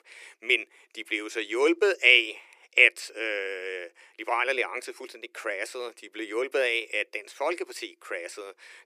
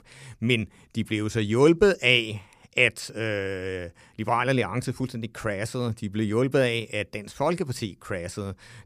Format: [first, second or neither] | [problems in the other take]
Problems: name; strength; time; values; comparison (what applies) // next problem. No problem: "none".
second | thin; very; fading below 350 Hz